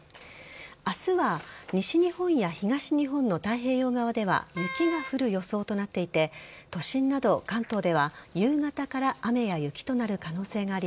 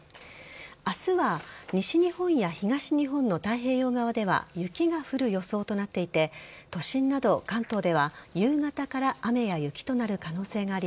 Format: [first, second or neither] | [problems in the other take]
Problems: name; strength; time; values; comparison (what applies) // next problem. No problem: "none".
second | background sound (Wind instrument, woodwind instrument); 11 dB below the speech